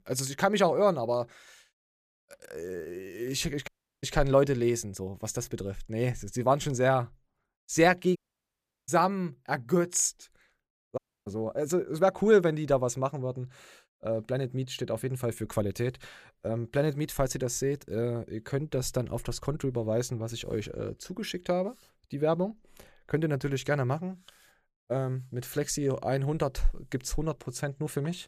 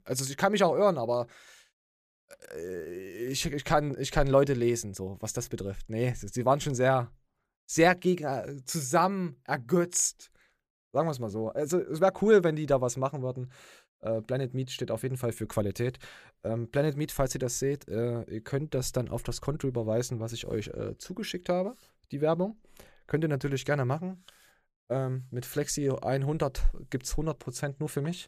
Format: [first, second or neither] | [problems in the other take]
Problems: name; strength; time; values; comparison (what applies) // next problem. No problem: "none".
second | audio cutting out; at 3.5 s, at 8 s for 0.5 s and at 11 s